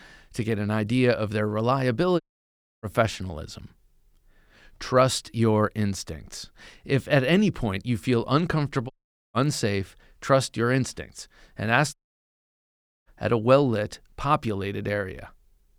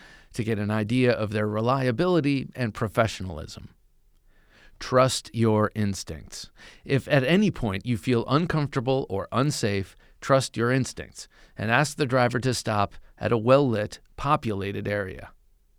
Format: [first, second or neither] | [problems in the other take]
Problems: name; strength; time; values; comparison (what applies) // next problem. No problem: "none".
second | audio cutting out; at 2 s for 0.5 s, at 9 s and at 12 s for 1 s